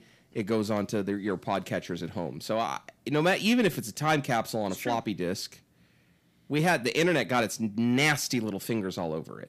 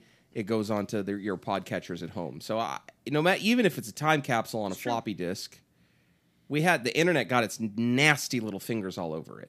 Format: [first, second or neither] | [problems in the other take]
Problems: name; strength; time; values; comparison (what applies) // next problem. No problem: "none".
second | distortion; slight; 10 dB below the speech